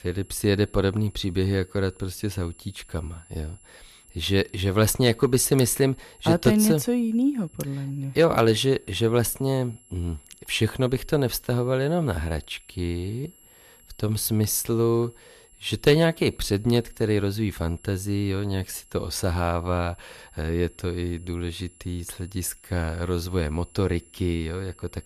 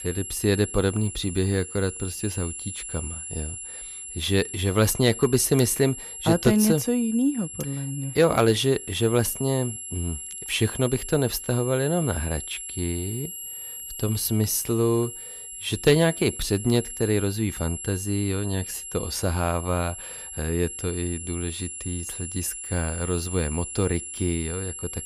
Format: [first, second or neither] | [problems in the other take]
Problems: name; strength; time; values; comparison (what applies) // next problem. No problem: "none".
first | high-pitched whine; loud; throughout; 11 kHz, 9 dB below the speech; faint in the first